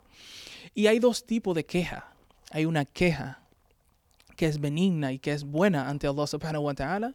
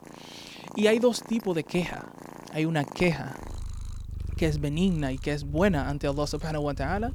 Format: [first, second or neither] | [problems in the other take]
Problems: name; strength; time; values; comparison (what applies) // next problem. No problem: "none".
first | animal sounds; noticeable; throughout; 15 dB below the speech